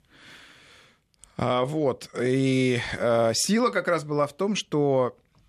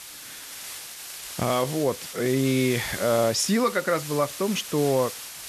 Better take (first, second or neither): first